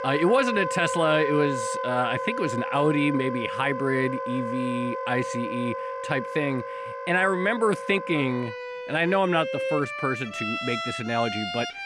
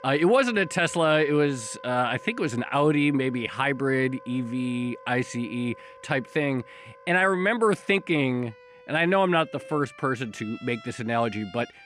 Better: second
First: background music; loud; throughout; 5 dB below the speech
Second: background music; faint; throughout; 20 dB below the speech

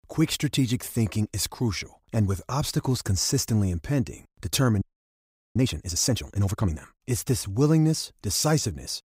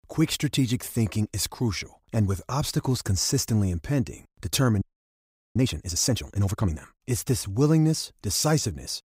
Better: neither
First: audio freezing; at 5 s for 0.5 s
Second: audio freezing; at 5 s for 0.5 s

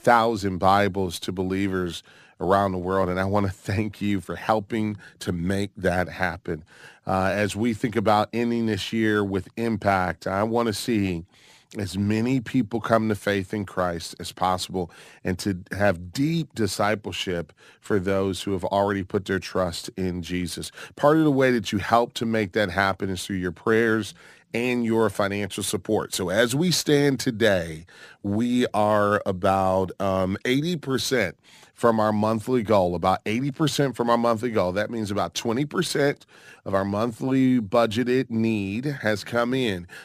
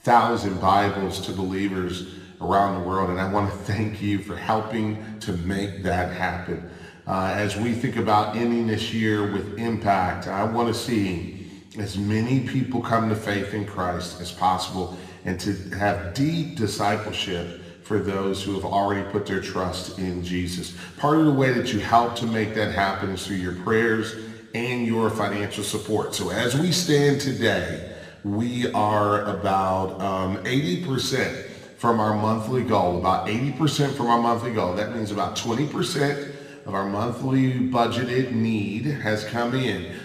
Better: first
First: none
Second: room echo; slight; dies away in 1.2 s

